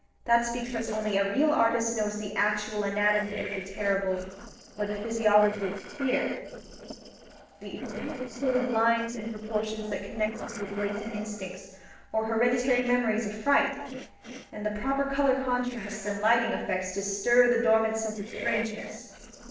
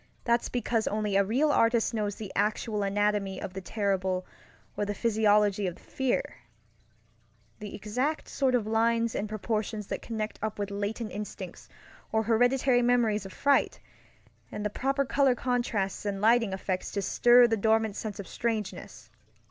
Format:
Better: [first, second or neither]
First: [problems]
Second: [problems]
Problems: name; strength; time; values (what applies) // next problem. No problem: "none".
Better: second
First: noise reduction (neural separator model SepFormer DNS4)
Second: none